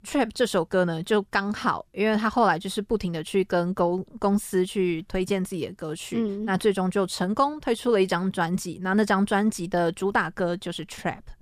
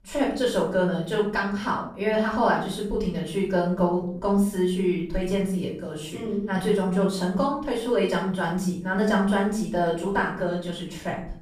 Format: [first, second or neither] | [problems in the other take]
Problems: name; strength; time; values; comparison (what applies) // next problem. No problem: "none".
first | off-mic speech; far // room echo; noticeable; dies away in 0.5 s